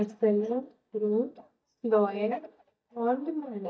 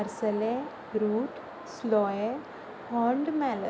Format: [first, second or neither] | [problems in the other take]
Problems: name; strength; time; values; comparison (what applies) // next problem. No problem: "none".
second | noise reduction (neural mask model DeepFilterNet 3)